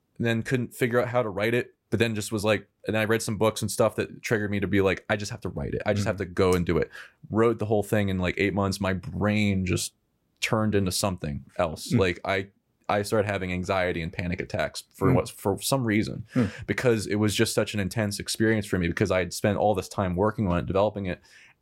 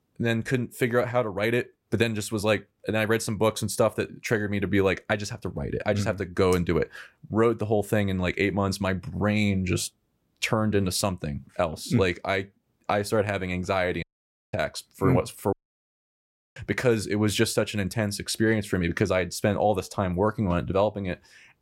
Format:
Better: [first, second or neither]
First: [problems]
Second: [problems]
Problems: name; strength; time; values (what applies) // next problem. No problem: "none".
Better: first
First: none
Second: audio cutting out; at 14 s for 0.5 s and at 16 s for 1 s